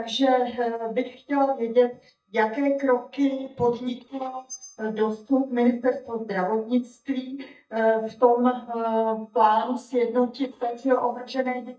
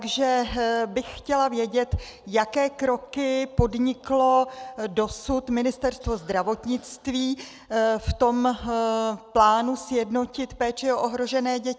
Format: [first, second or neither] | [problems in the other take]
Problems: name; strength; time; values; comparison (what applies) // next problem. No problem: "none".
second | noise reduction (neural mask model DeepFilterNet 3)